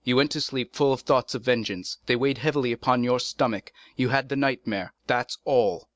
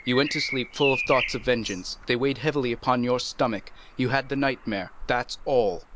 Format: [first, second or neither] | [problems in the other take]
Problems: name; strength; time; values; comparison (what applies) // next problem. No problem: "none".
first | background sound (Bird vocalization, bird call, bird song); 10 dB below the speech